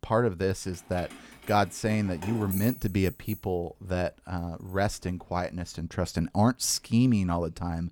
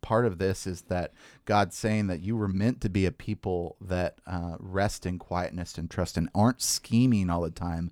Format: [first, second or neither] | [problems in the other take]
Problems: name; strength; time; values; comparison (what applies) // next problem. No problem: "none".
second | jangling keys; noticeable; from 0.5 to 3.5 s; peak 6 dB below the speech